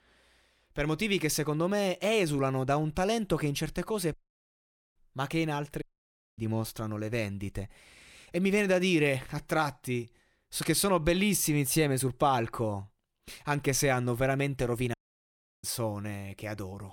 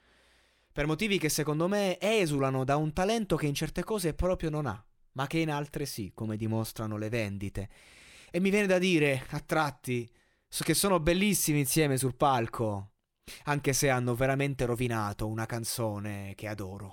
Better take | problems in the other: second | audio cutting out; at 4 s for 1 s, at 6 s for 0.5 s and at 15 s for 0.5 s

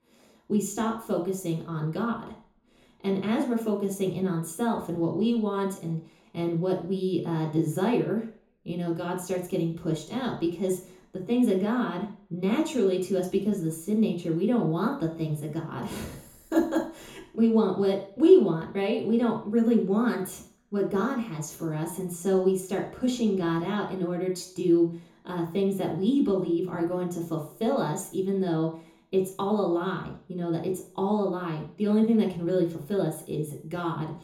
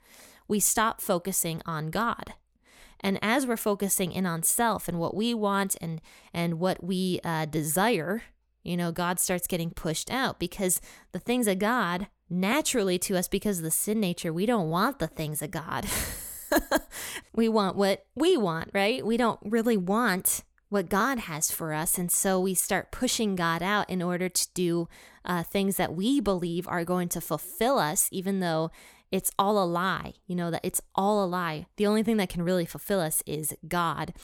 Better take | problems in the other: second | room echo; slight; dies away in 0.6 s // off-mic speech; far

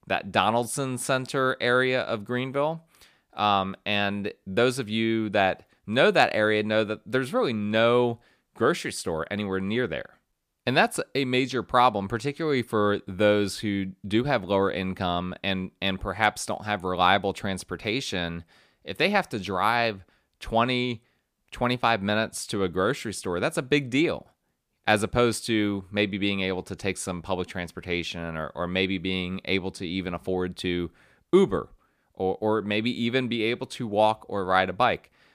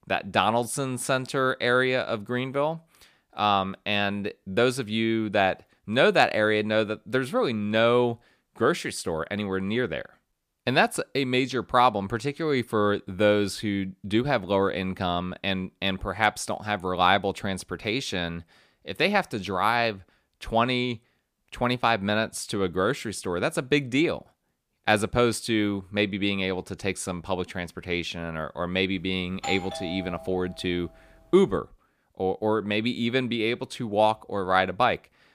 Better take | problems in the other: first | doorbell; noticeable; from 29 to 31 s; peak 8 dB below the speech

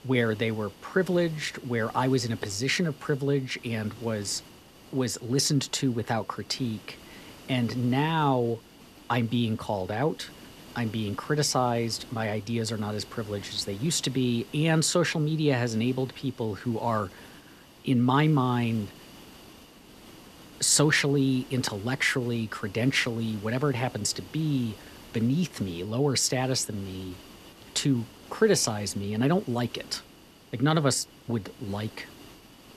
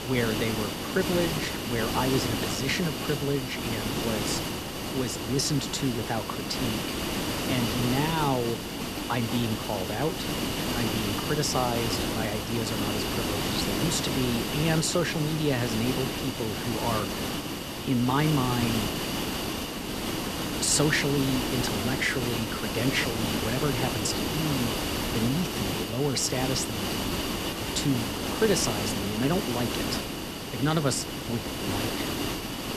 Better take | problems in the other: first | hiss; loud; throughout; 1 dB below the speech; faint in the first

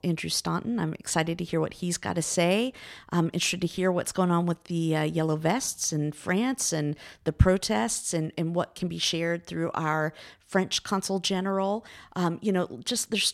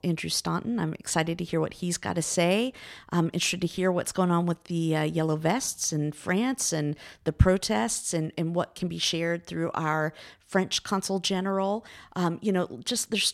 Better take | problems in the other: neither | none

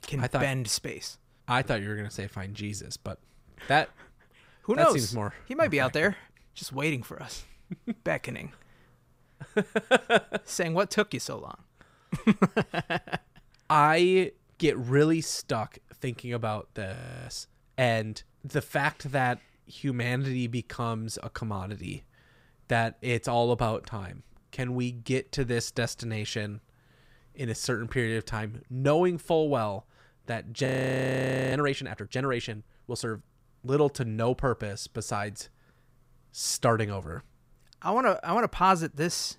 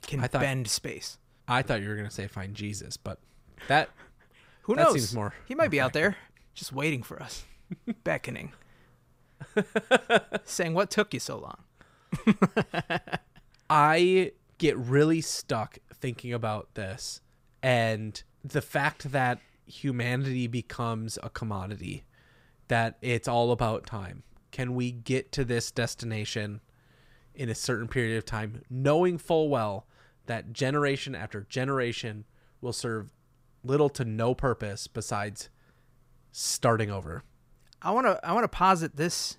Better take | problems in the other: second | audio freezing; at 17 s and at 31 s for 1 s

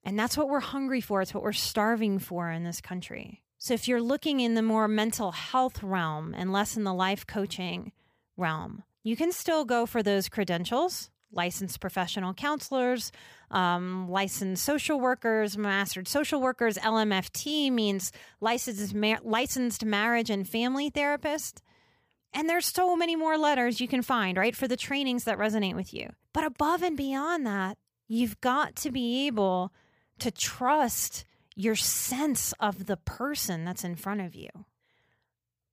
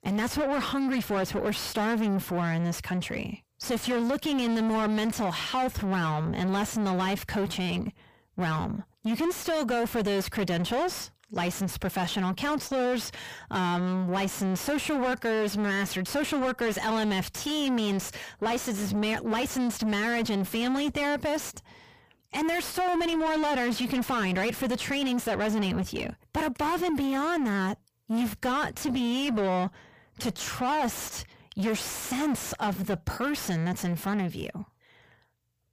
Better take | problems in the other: first | distortion; heavy; 5 dB below the speech

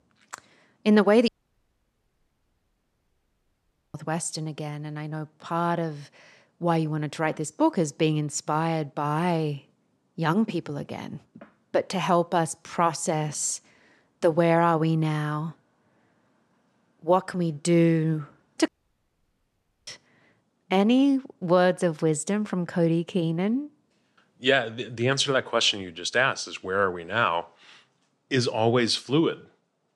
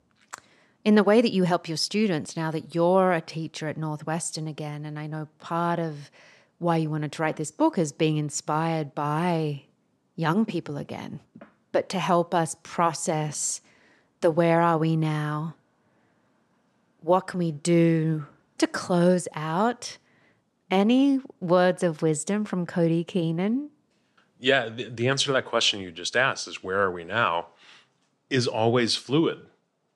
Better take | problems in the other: second | audio cutting out; at 1.5 s for 2.5 s and at 19 s for 1 s

